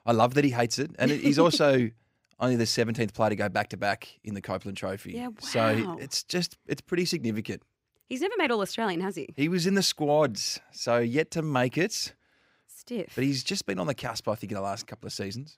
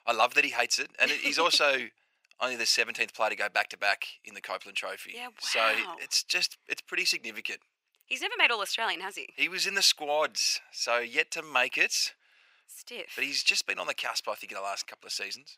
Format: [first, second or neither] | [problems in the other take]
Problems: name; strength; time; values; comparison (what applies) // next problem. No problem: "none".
first | thin; very; fading below 850 Hz